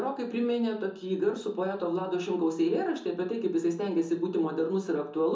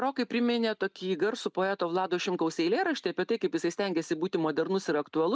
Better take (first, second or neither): second